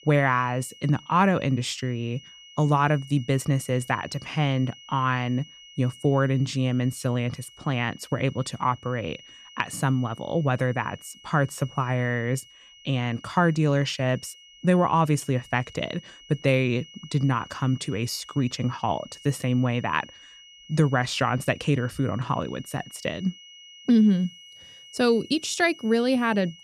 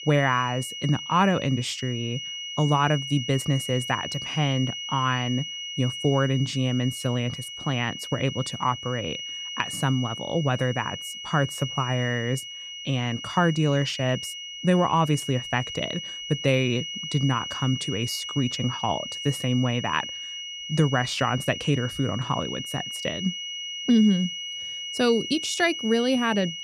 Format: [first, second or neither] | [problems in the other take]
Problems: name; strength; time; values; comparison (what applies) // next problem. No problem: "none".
first | high-pitched whine; loud; throughout; 3 kHz, 7 dB below the speech; faint in the first